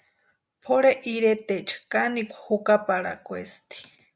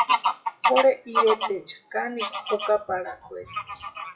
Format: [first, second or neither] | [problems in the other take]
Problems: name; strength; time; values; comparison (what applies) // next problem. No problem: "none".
first | noise reduction (classical method WPE with log-MMSE)